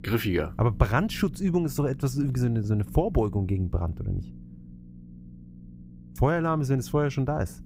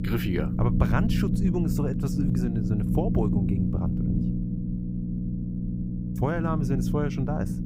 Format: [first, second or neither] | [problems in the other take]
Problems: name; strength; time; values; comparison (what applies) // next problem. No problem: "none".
first | low rumble; loud; throughout; 3 dB below the speech; faint in the first